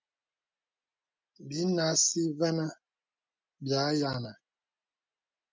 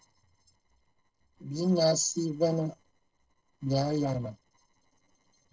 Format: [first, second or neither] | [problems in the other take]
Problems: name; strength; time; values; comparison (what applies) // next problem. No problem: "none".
first | noise reduction (neural separator model SepFormer DNS4)